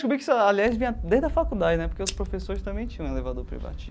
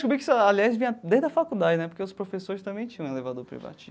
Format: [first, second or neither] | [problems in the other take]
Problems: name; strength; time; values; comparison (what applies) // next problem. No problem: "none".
second | background sound (Scissors); 6 dB below the speech